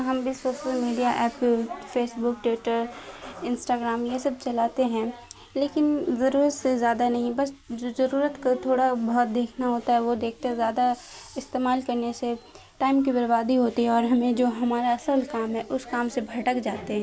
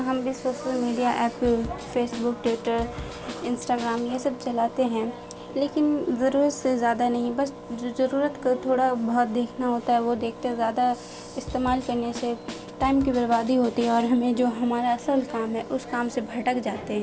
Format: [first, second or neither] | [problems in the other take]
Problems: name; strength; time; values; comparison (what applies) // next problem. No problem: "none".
first | background sound (Engine + Drum kit); 14 dB below the speech